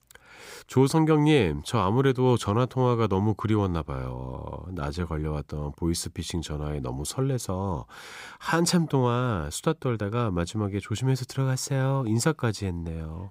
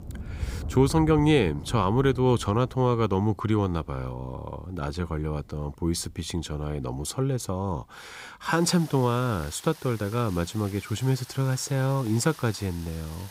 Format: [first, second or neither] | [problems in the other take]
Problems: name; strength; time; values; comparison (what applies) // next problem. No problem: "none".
first | rain or running water; noticeable; throughout; 15 dB below the speech